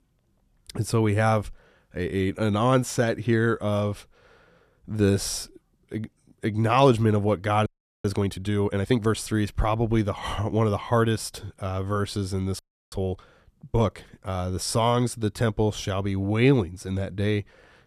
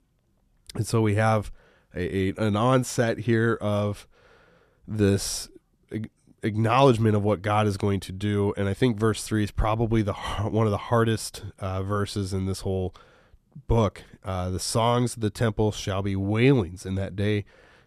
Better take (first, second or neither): second